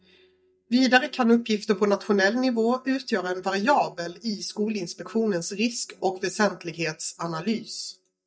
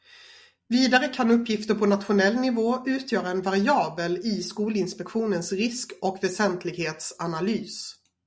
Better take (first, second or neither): second